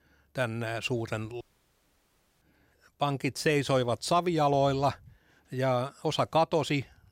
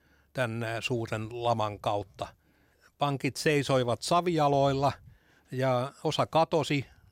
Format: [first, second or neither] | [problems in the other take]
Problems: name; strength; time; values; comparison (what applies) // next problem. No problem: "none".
second | audio cutting out; at 1.5 s for 1 s